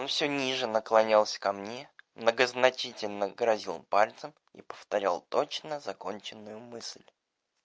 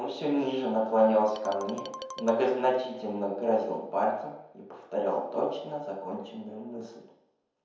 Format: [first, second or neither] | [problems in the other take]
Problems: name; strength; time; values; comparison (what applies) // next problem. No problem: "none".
first | background sound (Marimba, xylophone); 12 dB below the speech // room echo; dies away in 0.9 s